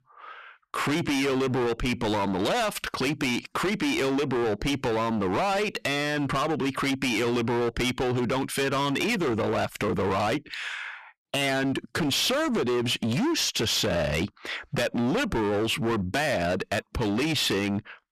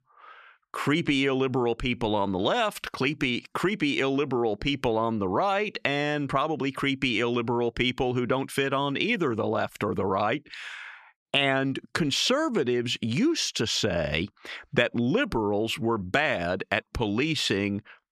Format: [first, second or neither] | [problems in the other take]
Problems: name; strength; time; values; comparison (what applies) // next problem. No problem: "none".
second | distortion; heavy; 29% of the sound clipped